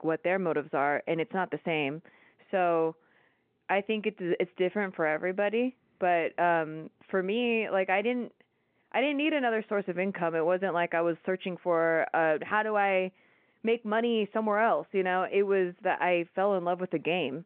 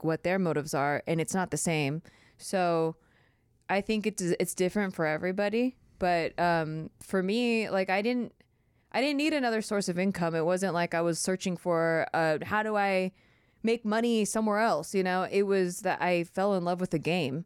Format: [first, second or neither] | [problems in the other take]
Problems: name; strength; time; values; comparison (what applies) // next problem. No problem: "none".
second | phone-call audio